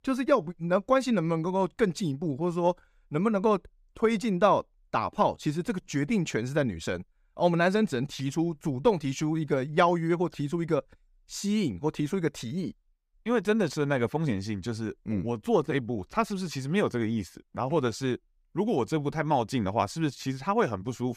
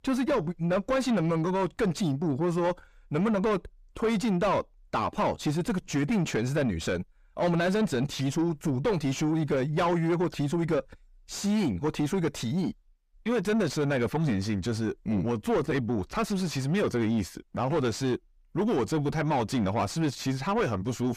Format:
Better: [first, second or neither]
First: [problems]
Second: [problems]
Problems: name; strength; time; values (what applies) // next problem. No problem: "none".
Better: first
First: none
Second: distortion; heavy; 6 dB below the speech